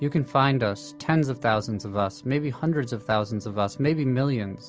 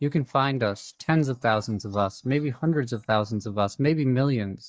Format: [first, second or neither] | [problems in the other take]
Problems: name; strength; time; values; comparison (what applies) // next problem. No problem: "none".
first | noise reduction (neural mask model DeepFilterNet 3)